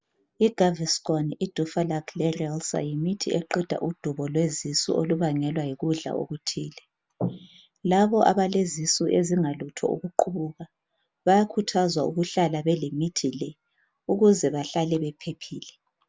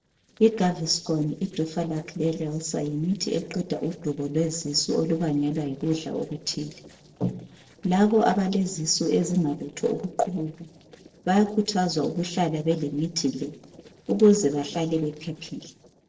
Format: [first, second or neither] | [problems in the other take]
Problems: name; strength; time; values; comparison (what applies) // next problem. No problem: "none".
first | noise reduction (neural separator model SepFormer DNS4)